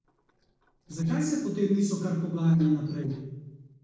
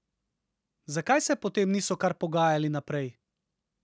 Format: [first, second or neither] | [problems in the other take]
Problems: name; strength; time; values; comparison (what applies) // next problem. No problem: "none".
second | noise reduction (neural separator model SepFormer DNS4)